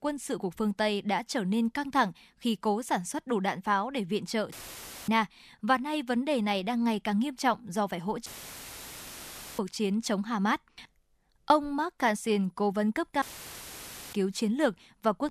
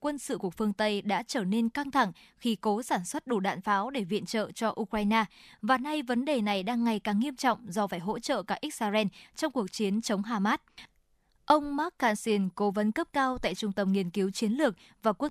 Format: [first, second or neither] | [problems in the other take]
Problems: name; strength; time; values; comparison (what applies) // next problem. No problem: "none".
second | audio cutting out; filled with static; at 4.5 s for 0.5 s, at 8.5 s for 1.5 s and at 13 s for 1 s